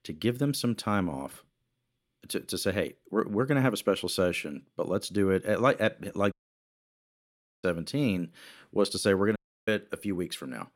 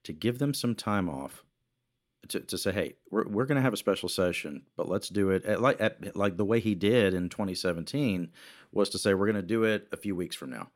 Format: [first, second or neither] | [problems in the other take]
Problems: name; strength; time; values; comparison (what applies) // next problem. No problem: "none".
second | audio cutting out; at 6.5 s for 1.5 s and at 9.5 s